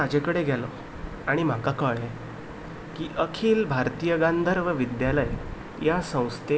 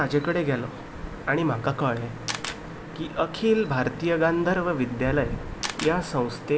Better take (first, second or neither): first